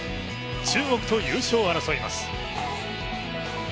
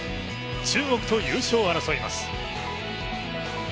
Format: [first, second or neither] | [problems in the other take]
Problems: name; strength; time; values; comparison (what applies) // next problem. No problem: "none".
second | background sound (Fart); 16 dB below the speech